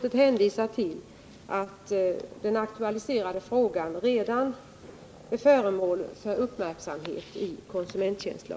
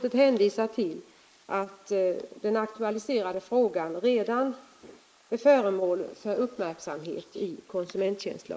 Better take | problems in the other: first | noise reduction (neural mask model Resemble Enhance denoiser)

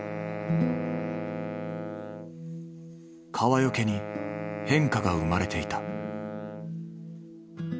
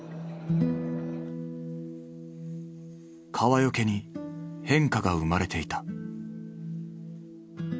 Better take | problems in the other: second | background sound (Wind instrument, woodwind instrument); 7 dB below the speech

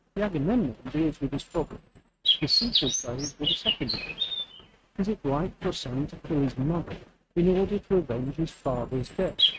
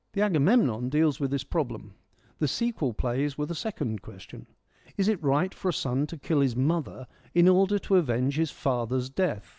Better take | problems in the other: second | noise reduction (neural mask model RNNoise)

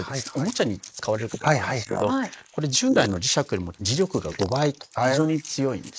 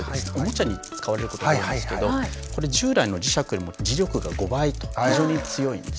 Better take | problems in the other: second | noise reduction (neural mask model Resemble Enhance denoiser)

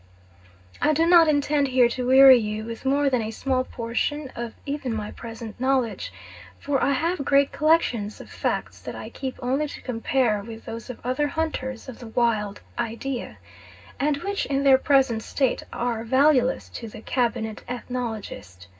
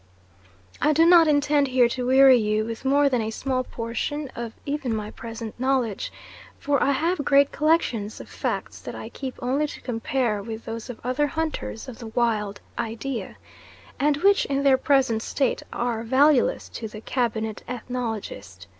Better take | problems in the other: second | room echo; dies away in 0.4 s

